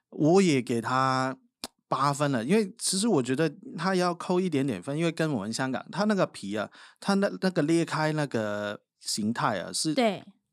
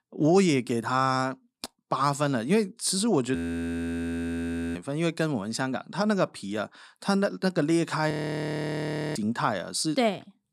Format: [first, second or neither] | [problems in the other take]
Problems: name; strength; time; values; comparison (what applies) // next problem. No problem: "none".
first | audio freezing; at 3.5 s for 1.5 s and at 8 s for 1 s